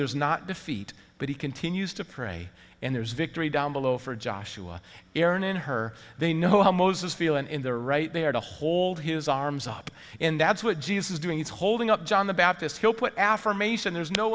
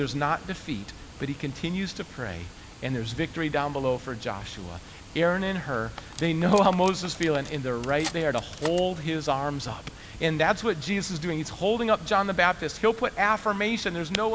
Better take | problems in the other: first | background sound (Cutlery, silverware + Water); 16 dB below the speech

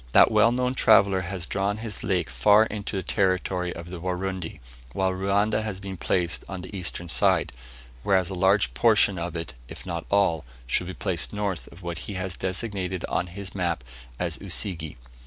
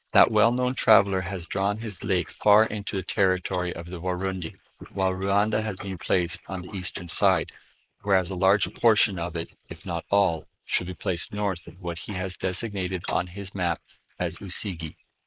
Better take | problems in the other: first | noise reduction (neural mask model Resemble Enhance denoiser)

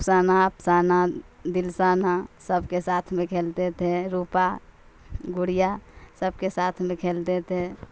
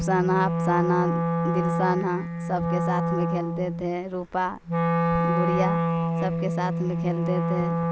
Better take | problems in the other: first | background sound (Wind instrument, woodwind instrument); 3 dB above the speech

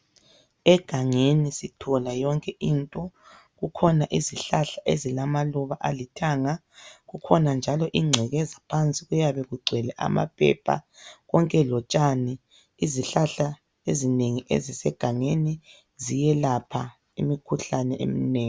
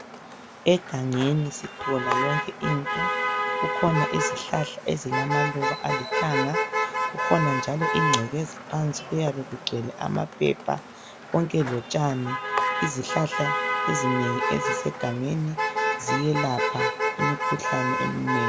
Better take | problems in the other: first | background sound (Motor vehicle (road)); 1 dB below the speech

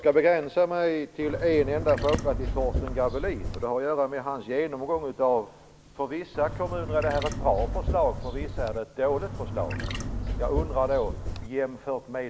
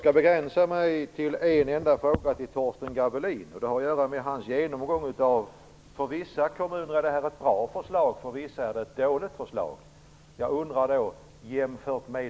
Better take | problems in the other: second | background sound (Trickle, dribble / Chirp, tweet); 4 dB below the speech

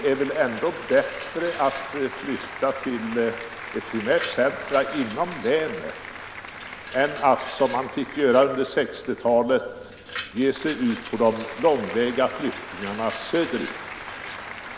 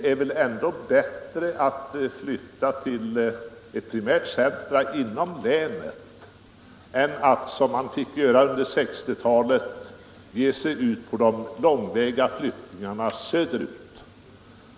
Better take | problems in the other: second | background sound (Glass + Applause); 12 dB below the speech

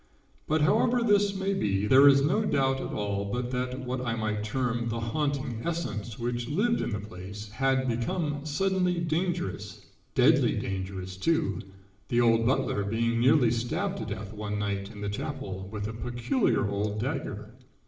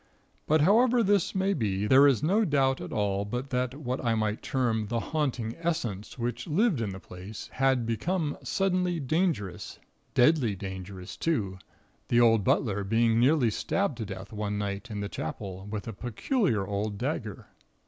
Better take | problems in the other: second | room echo; dies away in 0.8 s

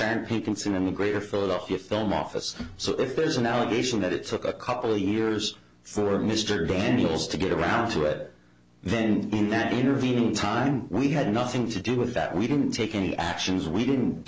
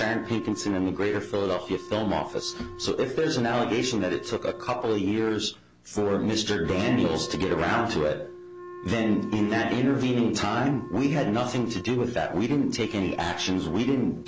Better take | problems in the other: first | background sound (Wind instrument, woodwind instrument); 15 dB below the speech

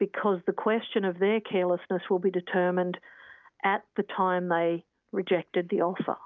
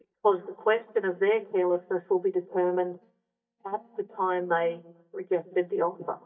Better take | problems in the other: first | noise reduction (neural mask model DeepFilterNet 3)

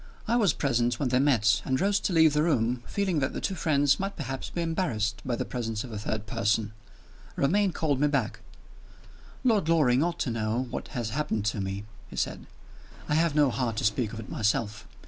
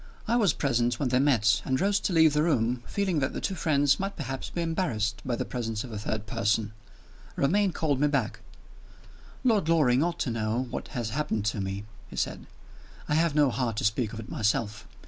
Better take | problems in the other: second | background sound (Engine); 19 dB below the speech

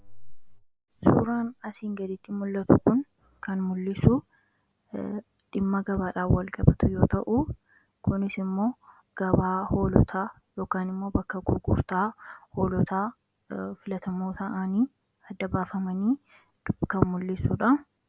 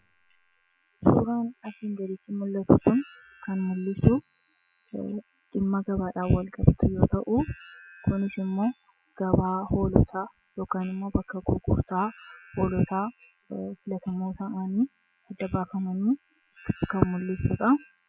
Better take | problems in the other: first | noise reduction (classical method spectral subtraction)

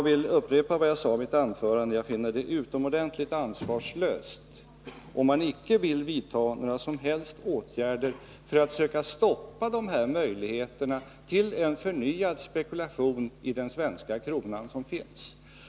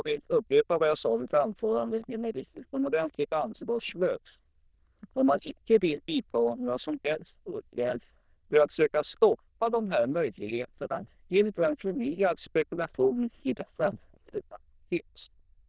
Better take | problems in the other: first | noise reduction (neural diffusion model UNIVERSE++)

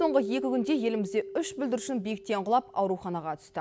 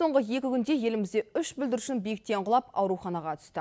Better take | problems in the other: second | background sound (Keyboard (musical)); 11 dB below the speech

